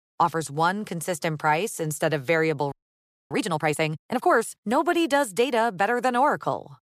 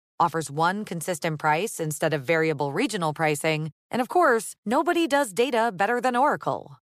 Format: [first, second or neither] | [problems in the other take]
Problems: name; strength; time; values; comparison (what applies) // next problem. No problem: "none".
second | audio freezing; at 2.5 s for 0.5 s